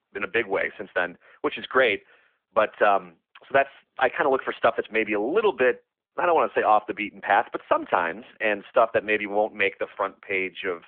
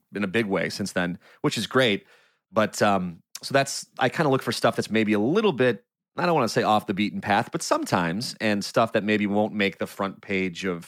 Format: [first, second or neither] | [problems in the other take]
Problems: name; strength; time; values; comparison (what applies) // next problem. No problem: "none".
second | phone-call audio; nothing above 3.5 kHz